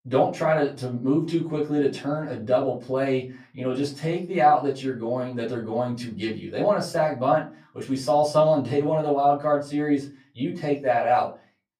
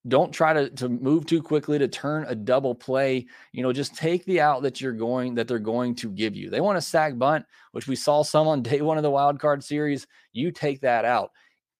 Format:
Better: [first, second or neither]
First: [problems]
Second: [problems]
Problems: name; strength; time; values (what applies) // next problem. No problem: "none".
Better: second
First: off-mic speech; far // room echo; very slight; dies away in 0.3 s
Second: none